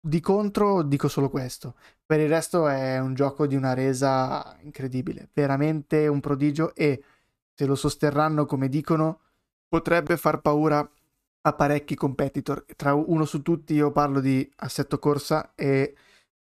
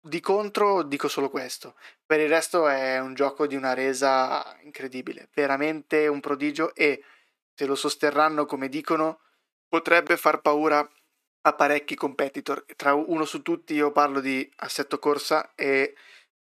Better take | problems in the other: first | thin; somewhat; fading below 350 Hz

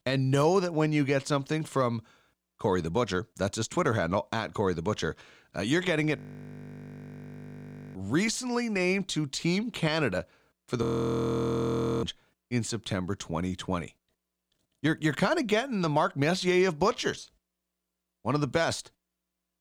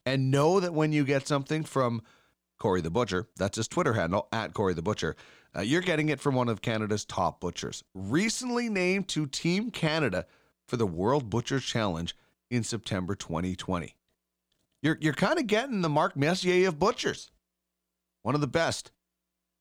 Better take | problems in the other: second | audio freezing; at 6 s for 2 s and at 11 s for 1 s

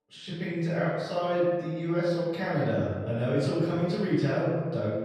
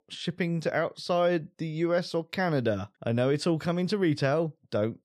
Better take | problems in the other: second | off-mic speech; far // room echo; strong; dies away in 1.4 s

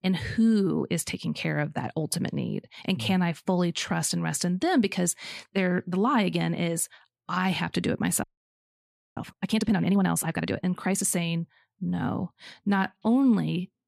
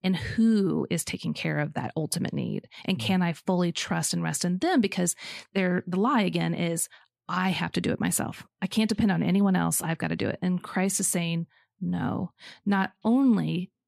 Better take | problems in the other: second | audio freezing; at 8 s for 1 s

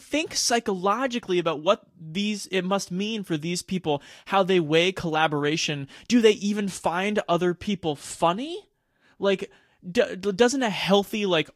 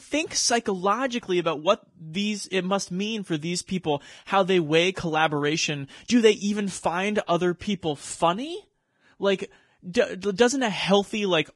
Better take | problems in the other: first | garbled, watery; badly; nothing above 10 kHz; slightly in the first

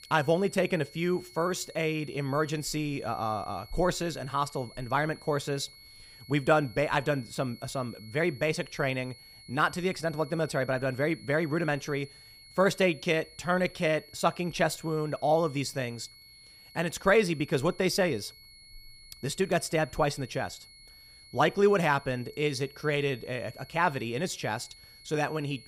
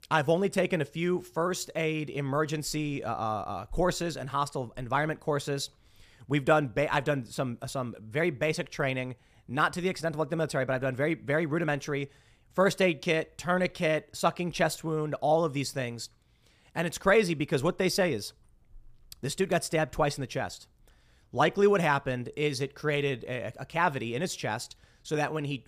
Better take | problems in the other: second | high-pitched whine; faint; throughout; 4.5 kHz, 20 dB below the speech

